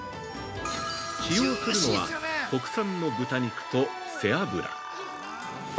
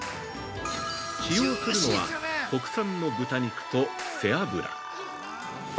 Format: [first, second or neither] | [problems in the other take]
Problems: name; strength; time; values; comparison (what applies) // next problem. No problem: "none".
first | background sound (Clapping); 17 dB below the speech